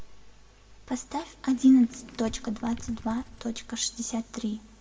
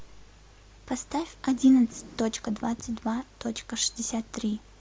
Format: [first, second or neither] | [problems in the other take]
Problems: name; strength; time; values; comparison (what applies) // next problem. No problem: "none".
second | background sound (Crumpling, crinkling); 17 dB below the speech // room echo; dies away in 1.3 s